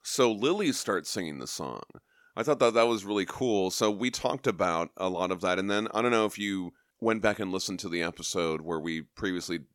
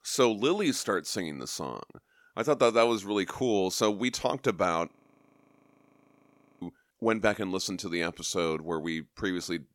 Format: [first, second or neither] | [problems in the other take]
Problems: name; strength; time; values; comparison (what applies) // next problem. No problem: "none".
first | audio freezing; at 5 s for 1.5 s